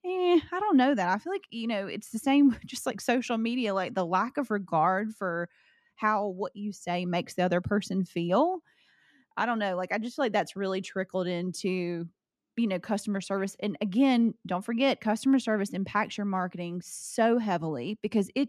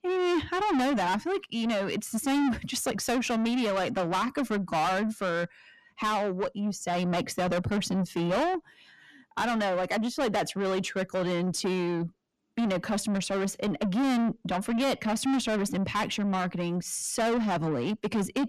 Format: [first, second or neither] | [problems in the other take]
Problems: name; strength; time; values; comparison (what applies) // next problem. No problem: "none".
first | distortion; heavy; 6 dB below the speech